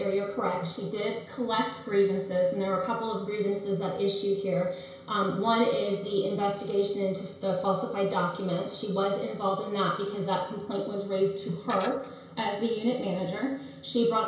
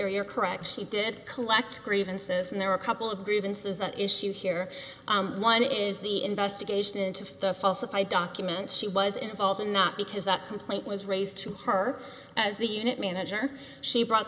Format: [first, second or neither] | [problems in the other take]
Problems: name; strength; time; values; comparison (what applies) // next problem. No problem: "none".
second | background sound (Tools); 14 dB below the speech // room echo; dies away in 0.6 s